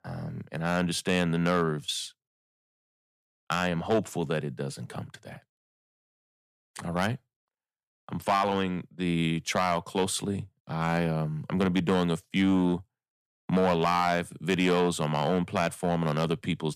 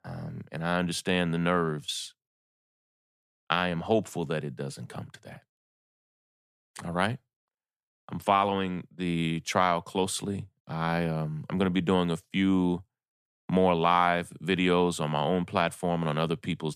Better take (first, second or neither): second